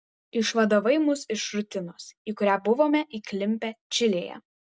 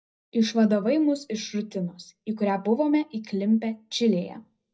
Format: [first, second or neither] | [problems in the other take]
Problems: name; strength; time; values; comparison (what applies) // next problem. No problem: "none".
first | room echo; dies away in 0.5 s